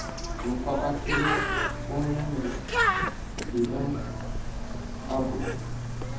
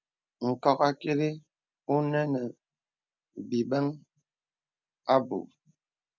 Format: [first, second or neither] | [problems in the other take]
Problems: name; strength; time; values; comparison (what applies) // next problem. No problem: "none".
second | background sound (Bird); 3 dB above the speech // room echo; dies away in 0.8 s